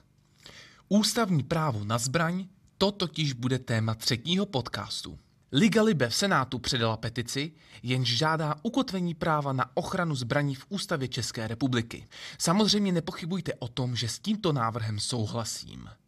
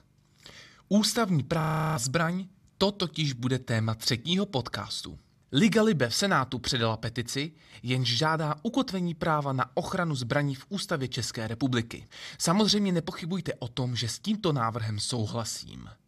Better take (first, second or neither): first